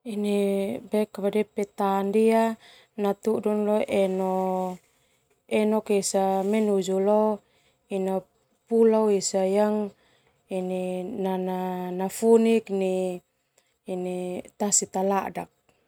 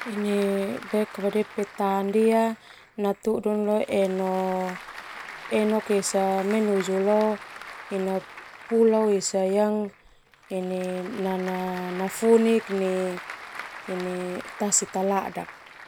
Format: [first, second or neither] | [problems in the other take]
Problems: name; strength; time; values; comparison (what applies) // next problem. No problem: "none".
first | background sound (Applause / Crowd); 16 dB below the speech